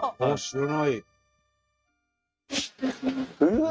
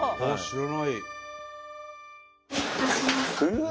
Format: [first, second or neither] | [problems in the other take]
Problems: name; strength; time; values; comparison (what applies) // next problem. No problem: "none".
second | noise reduction (neural mask model RNNoise)